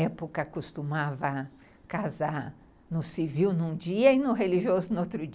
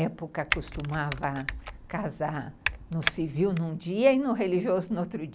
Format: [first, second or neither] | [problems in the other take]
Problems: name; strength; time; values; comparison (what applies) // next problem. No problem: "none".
first | background sound (Typing); 7 dB below the speech